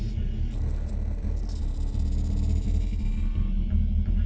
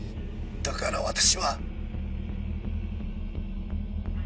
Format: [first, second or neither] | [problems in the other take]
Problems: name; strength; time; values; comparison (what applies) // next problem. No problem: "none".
second | noise reduction (neural separator model SepFormer DNS4)